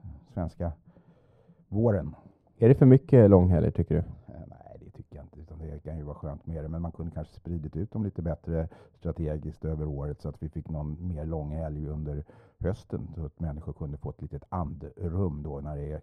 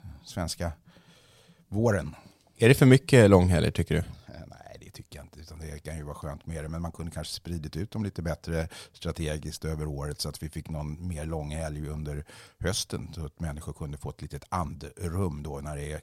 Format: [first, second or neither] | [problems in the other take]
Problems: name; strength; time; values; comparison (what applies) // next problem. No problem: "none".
second | muffled; very; fading above 2 kHz